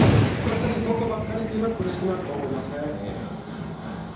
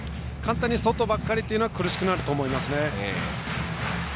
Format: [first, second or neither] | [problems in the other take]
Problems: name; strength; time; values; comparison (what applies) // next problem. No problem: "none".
second | background sound (Thunder); 2 dB above the speech // room echo; dies away in 2.8 s